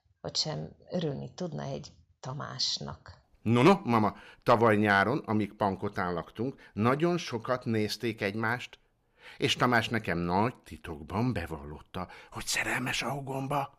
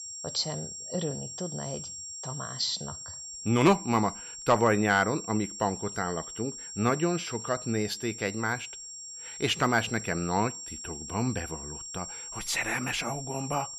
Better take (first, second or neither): first